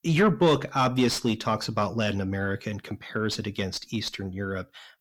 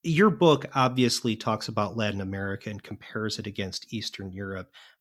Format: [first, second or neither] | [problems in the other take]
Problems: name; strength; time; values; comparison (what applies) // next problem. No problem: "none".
second | distortion; slight; 9 dB below the speech